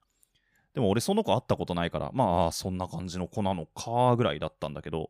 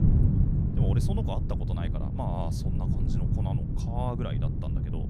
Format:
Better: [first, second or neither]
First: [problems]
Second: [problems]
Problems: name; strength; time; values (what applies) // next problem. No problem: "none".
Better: first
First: none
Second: wind noise on the microphone; heavy; as loud as the speech